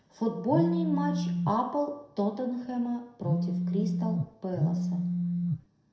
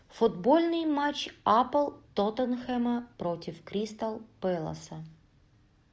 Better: second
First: background sound (Telephone); 3 dB above the speech // room echo; dies away in 0.6 s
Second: none

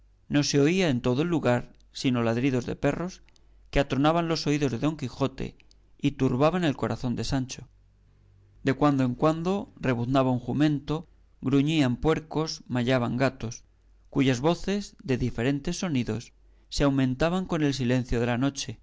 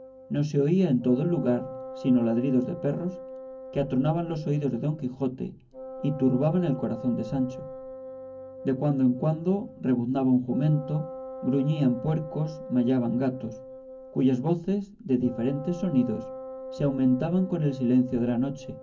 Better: first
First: none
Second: background sound (Wind instrument, woodwind instrument); 14 dB below the speech // room echo; dies away in 0.3 s

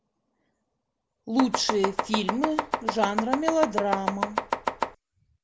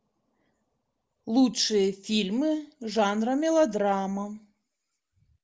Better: second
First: background sound (Domestic sounds, home sounds); as loud as the speech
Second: none

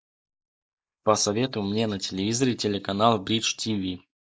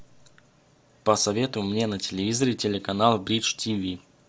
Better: second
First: noise reduction (neural mask model Resemble Enhance denoiser)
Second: none

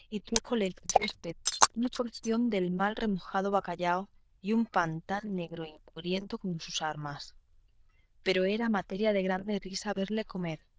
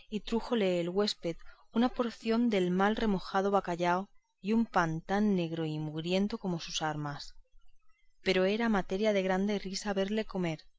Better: second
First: noise reduction (neural diffusion model UNIVERSE++)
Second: none

